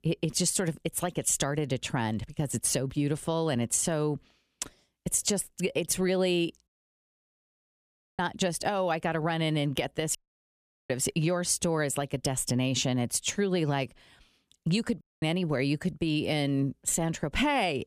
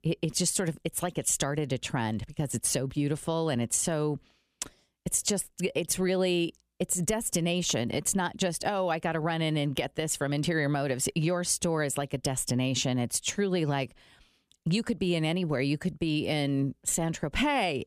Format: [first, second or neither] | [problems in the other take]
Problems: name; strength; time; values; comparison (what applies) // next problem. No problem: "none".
second | audio cutting out; at 6.5 s for 1.5 s, at 10 s for 1 s and at 15 s